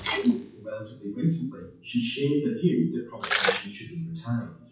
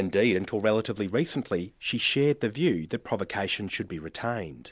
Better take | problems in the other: second | noise reduction (classical method WPE with log-MMSE)

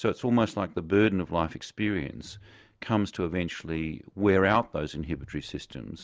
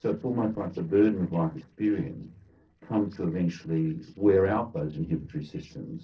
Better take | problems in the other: first | noise reduction (neural separator model SepFormer DNS4)

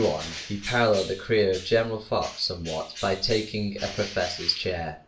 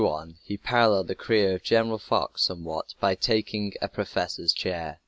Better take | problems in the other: second | background sound (Bird); 14 dB below the speech // room echo; dies away in 0.3 s

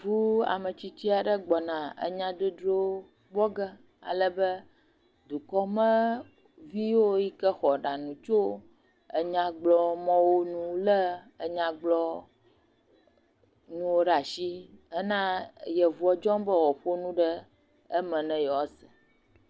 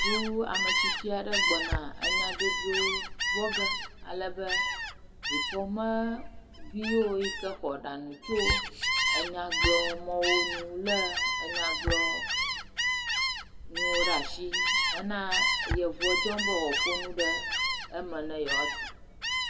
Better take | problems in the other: first | background sound (Gull, seagull); 3 dB above the speech // room echo; dies away in 1 s

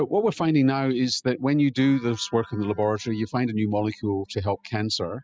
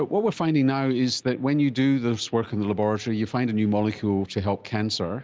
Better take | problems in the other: second | noise reduction (classical method spectral subtraction)

